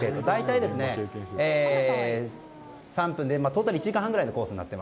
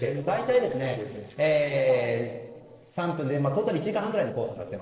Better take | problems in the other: first | noise reduction (neural separator model SepFormer DNS4)

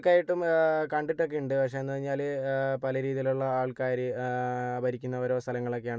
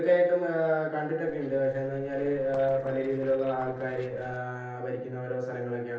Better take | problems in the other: first | noise reduction (neural separator model SepFormer DNS4)

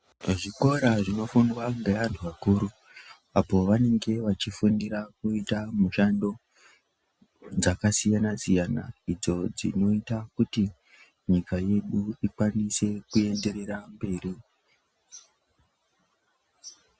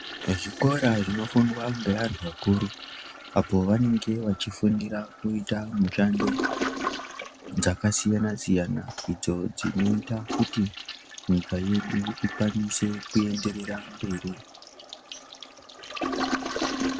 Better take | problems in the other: first | background sound (Toilet flush); 9 dB below the speech

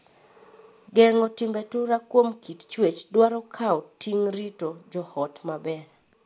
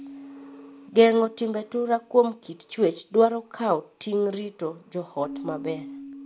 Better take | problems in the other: first | background sound (Keyboard (musical)); 18 dB below the speech

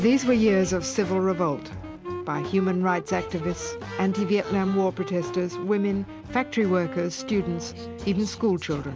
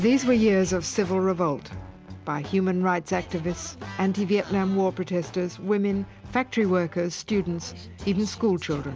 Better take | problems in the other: second | background sound (Wind instrument, woodwind instrument); 12 dB below the speech

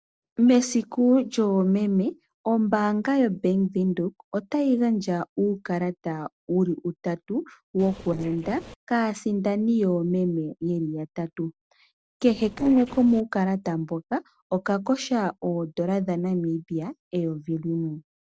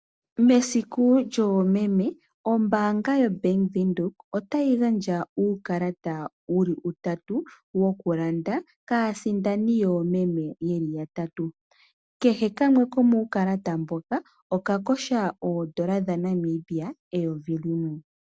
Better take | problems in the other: second | noise reduction (neural separator model SepFormer DNS4)

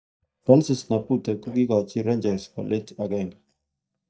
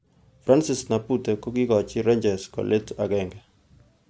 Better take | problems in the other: second | noise reduction (neural mask model DeepFilterNet 3)

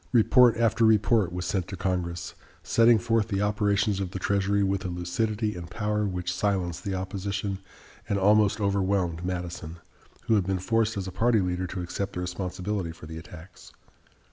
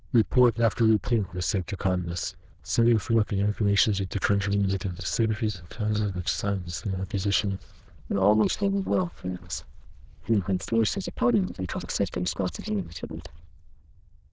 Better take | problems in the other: first | noise reduction (neural diffusion model UNIVERSE++)

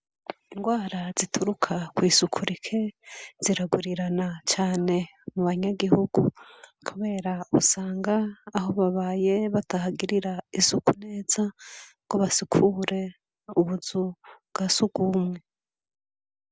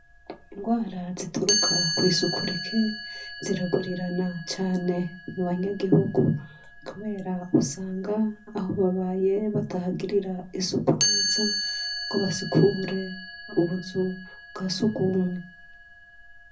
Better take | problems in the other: first | background sound (Chime); 7 dB below the speech // room echo; dies away in 0.4 s

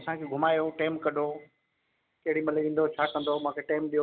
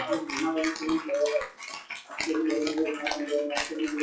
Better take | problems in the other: first | noise reduction (classical method WPE with log-MMSE)

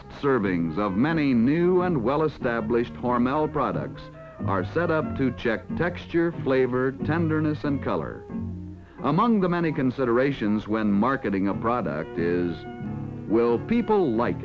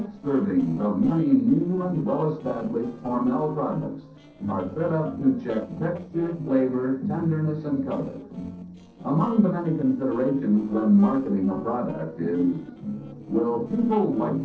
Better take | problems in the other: first | noise reduction (neural separator model SepFormer DNS4)

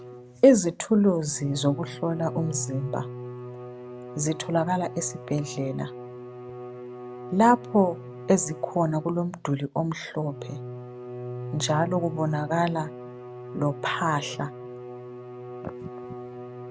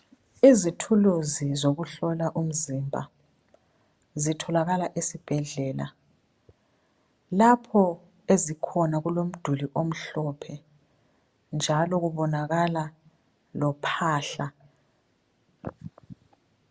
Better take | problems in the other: second | background sound (Bowed string instrument); 12 dB below the speech

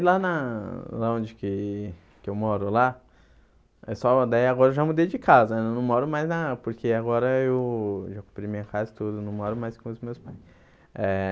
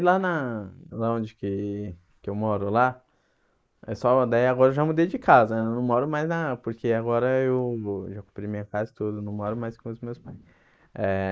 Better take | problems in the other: first | noise reduction (neural mask model Resemble Enhance denoiser)

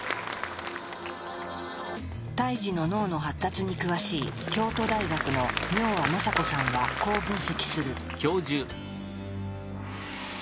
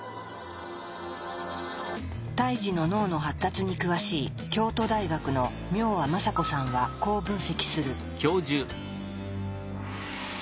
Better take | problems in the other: second | background sound (Applause / Crowd); 6 dB below the speech

